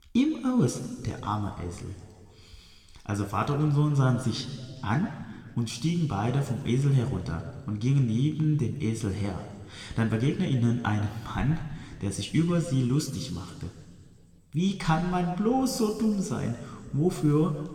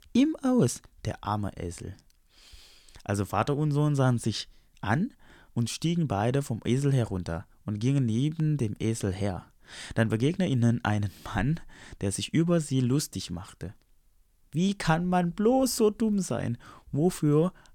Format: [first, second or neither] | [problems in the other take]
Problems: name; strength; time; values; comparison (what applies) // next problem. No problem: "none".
second | room echo; slight; dies away in 1.9 s